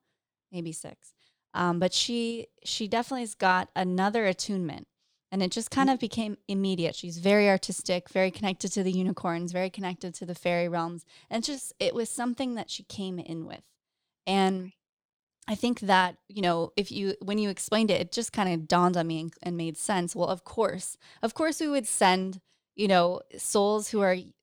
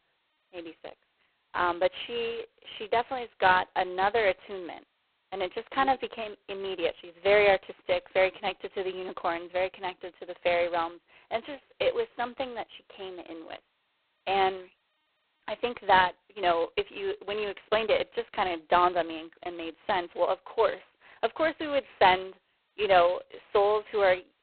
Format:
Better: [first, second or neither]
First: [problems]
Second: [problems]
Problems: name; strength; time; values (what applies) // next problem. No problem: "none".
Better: first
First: none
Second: phone-call audio; poor line; nothing above 4 kHz